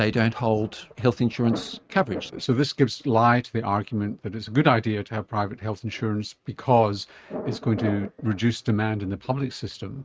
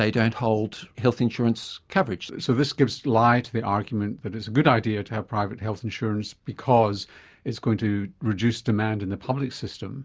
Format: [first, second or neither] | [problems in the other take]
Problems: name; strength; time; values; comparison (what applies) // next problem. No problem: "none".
second | noise reduction (neural mask model RNNoise)